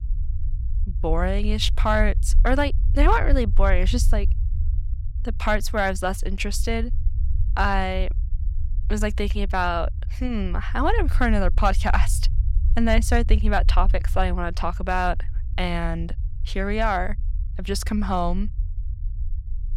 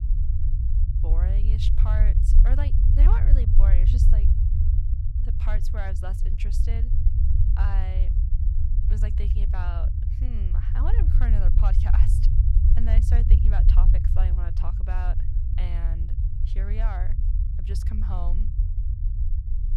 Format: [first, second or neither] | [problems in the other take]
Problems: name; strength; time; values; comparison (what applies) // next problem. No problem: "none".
first | low rumble; loud; throughout; 2 dB below the speech; faint in the first